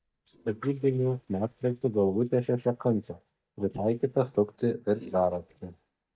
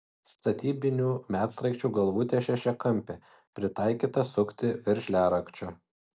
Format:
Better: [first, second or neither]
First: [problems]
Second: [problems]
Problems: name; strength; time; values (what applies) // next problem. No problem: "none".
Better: second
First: noise reduction (neural mask model DeepFilterNet 3)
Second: none